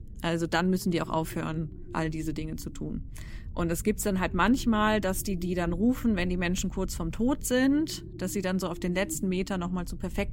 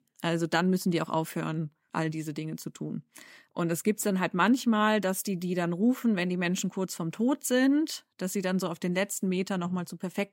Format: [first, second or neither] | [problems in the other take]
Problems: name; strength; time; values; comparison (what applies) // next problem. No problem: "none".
second | low rumble; noticeable; throughout; 20 dB below the speech